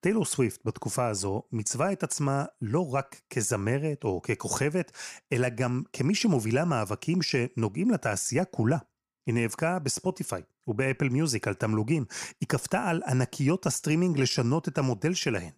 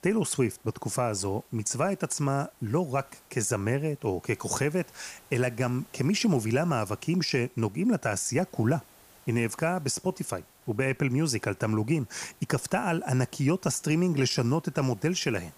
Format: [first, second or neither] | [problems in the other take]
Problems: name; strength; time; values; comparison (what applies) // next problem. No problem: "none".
first | hiss; faint; throughout; 25 dB below the speech